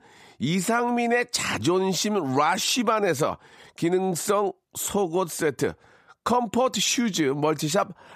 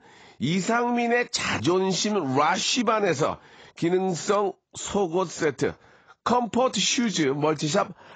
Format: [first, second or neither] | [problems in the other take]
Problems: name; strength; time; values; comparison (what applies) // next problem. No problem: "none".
first | garbled, watery; badly; nothing above 7.5 kHz